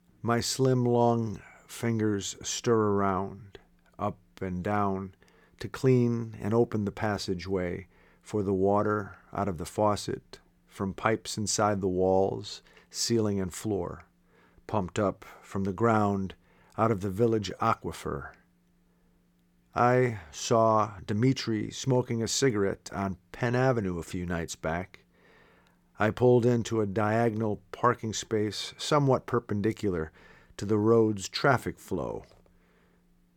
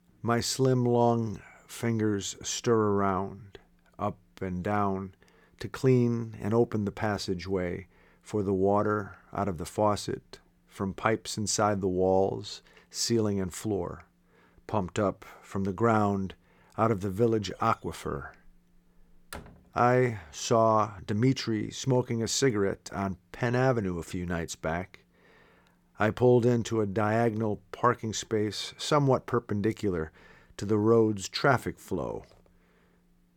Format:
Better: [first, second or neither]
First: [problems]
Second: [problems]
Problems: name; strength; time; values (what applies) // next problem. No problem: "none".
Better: first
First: none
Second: door banging; faint; from 18 to 20 s; peak 15 dB below the speech